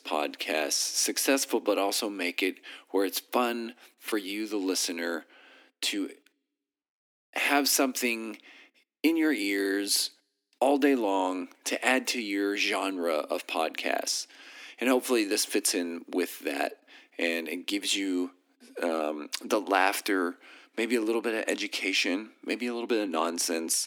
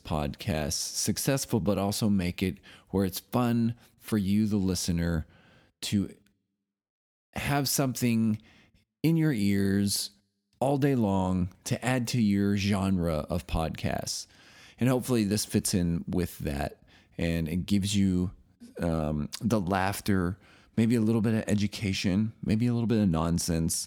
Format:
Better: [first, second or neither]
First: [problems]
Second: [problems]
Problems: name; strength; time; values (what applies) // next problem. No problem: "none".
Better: second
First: thin; somewhat; fading below 250 Hz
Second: none